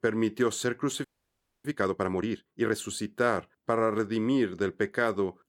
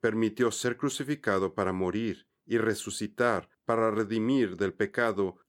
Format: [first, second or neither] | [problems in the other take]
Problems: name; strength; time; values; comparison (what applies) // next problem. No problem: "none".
second | audio freezing; at 1 s for 0.5 s